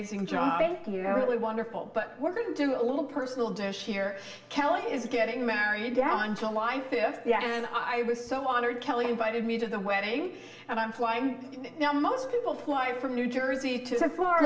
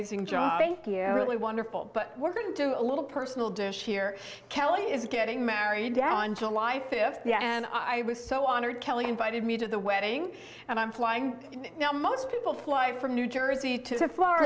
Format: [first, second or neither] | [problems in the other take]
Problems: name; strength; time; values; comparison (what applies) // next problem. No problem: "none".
second | room echo; dies away in 0.9 s